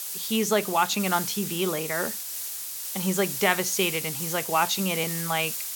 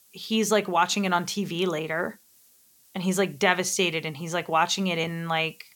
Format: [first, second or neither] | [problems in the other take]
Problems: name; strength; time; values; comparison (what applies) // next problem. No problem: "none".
second | hiss; loud; throughout; 4 dB below the speech; faint in the second